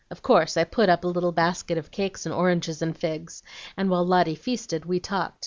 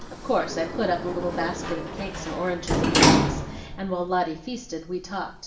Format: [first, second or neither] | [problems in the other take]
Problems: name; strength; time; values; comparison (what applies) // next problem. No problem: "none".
first | background sound (Sliding door); 2 dB above the speech // room echo; dies away in 0.7 s